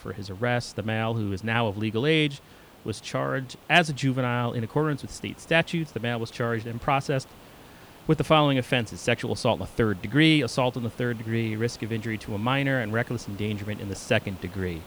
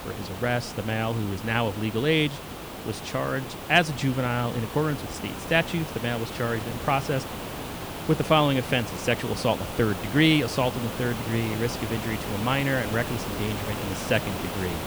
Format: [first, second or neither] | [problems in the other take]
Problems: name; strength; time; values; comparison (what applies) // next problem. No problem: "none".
first | hiss; loud; throughout; 8 dB below the speech; faint in the first